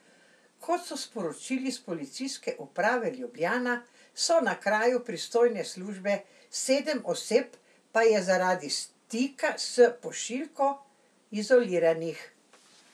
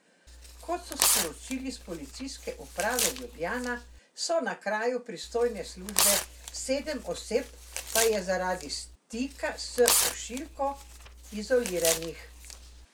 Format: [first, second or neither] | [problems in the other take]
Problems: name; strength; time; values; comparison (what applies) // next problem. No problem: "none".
first | background sound (Tearing); 1 dB below the speech